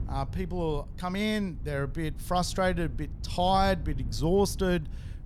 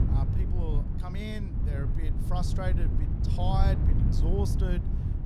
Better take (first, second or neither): first